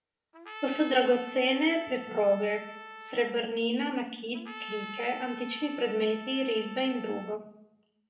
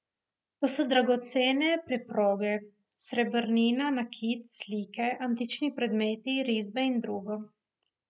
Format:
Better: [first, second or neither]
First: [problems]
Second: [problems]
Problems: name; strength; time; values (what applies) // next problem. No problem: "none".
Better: second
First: background sound (Trumpet); 14 dB below the speech // room echo; dies away in 0.6 s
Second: none